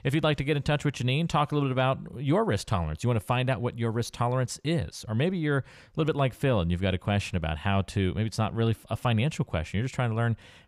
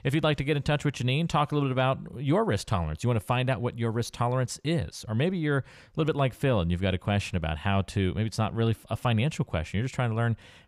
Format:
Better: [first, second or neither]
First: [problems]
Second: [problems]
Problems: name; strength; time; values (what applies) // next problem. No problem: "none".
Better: neither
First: none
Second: none